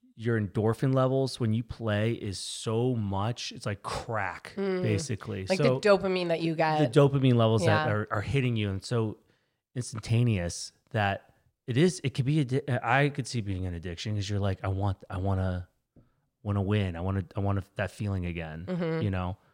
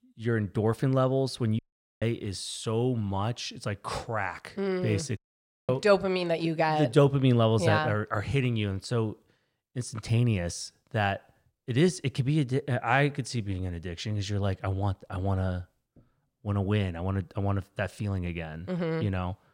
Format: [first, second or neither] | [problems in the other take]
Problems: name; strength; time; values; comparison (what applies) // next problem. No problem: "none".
first | audio cutting out; at 1.5 s and at 5 s for 0.5 s